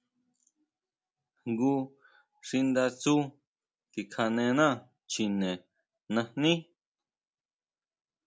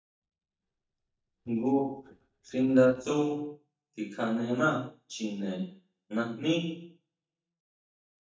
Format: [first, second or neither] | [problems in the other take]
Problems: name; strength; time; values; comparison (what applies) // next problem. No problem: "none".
first | noise reduction (neural mask model DeepFilterNet 3)